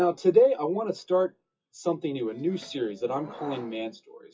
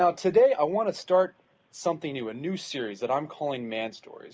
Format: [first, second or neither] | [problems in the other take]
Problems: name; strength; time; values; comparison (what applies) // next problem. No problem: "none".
second | noise reduction (classical method WPE with log-MMSE)